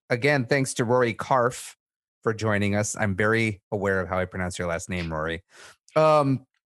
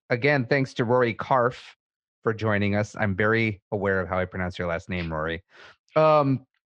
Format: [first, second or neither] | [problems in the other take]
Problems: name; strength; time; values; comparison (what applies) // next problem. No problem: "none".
first | muffled; slightly; fading above 4.5 kHz